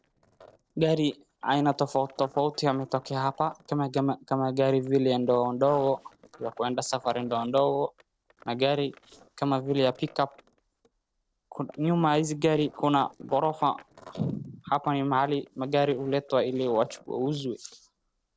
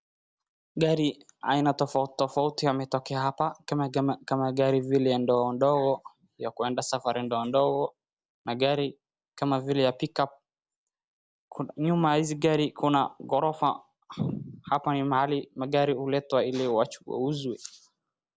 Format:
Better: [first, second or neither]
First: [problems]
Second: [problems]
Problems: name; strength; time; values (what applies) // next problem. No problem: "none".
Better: second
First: noise reduction (neural separator model SepFormer DNS4)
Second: none